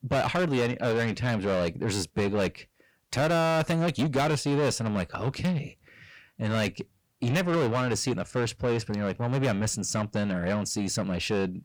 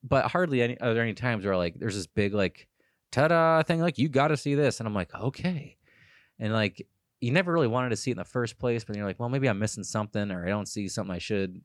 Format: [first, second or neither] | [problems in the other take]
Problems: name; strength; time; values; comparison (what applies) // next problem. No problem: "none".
second | distortion; heavy; 7 dB below the speech